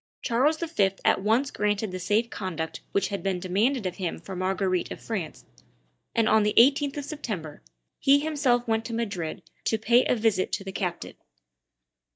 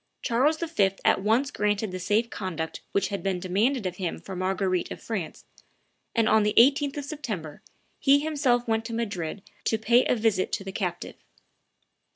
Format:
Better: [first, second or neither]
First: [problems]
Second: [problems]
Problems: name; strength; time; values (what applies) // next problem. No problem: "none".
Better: second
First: noise reduction (neural mask model DeepFilterNet 3)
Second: none